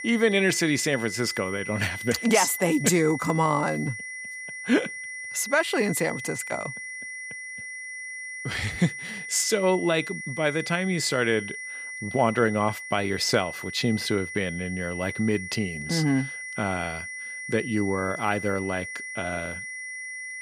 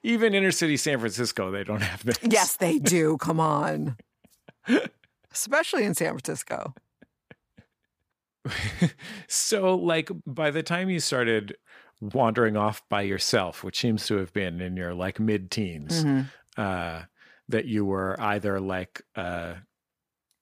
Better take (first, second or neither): second